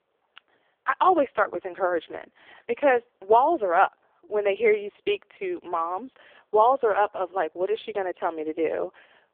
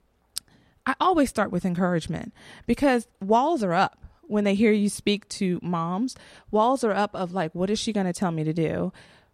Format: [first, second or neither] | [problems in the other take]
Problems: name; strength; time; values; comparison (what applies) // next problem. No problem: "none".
second | phone-call audio; poor line; nothing above 3.5 kHz